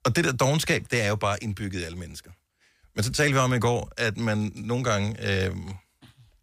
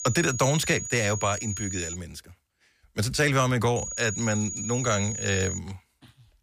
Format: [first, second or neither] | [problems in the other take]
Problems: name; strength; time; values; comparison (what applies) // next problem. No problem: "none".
first | high-pitched whine; loud; until 2 s and from 4 to 5.5 s; 7 kHz, 7 dB below the speech